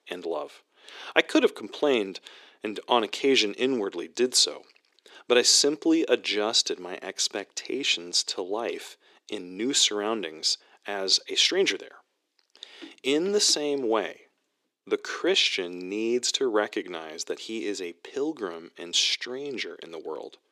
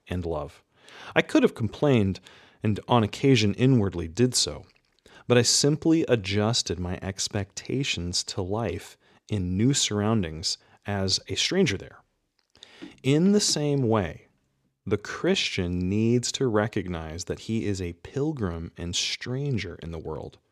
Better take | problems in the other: second | thin; somewhat; fading below 350 Hz

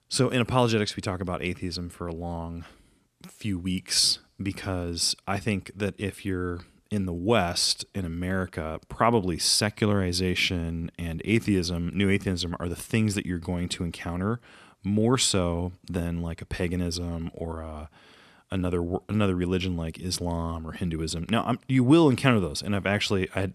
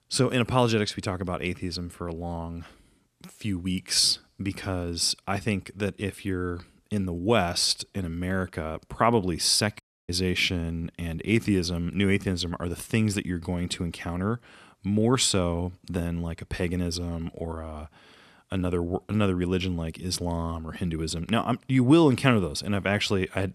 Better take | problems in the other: first | audio cutting out; at 10 s

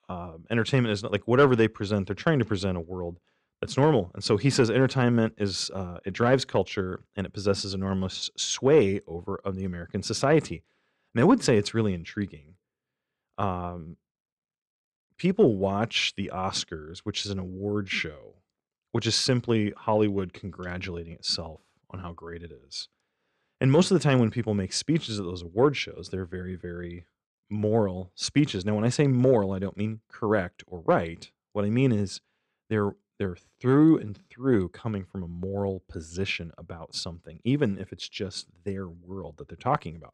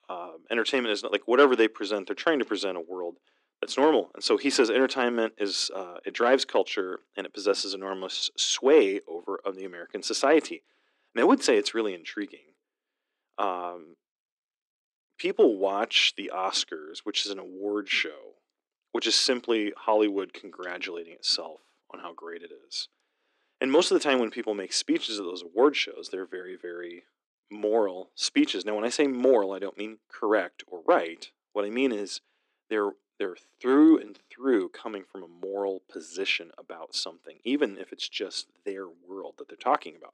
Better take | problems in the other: first | thin; somewhat; fading below 300 Hz

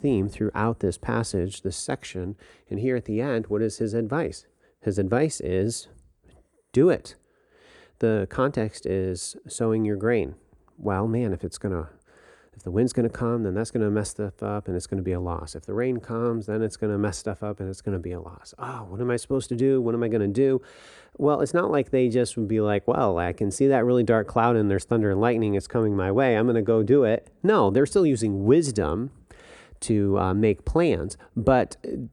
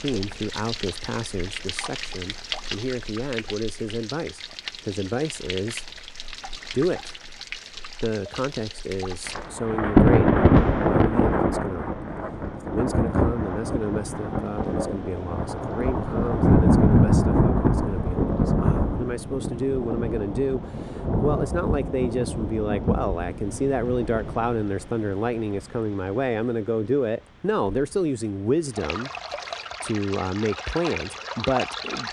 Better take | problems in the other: first | rain or running water; very loud; throughout; 3 dB above the speech

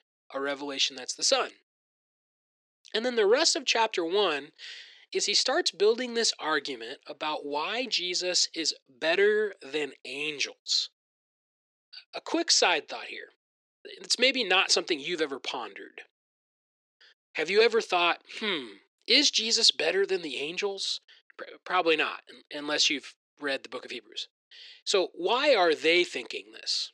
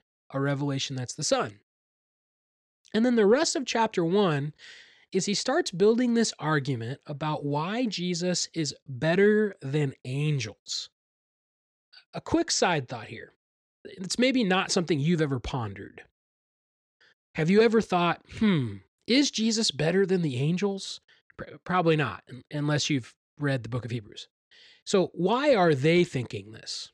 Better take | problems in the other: second | thin; somewhat; fading below 350 Hz

